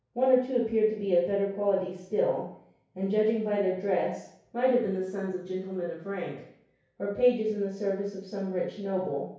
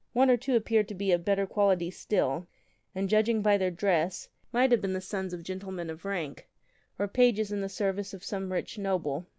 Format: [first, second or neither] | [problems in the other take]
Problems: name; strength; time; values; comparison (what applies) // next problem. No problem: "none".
second | room echo; dies away in 0.6 s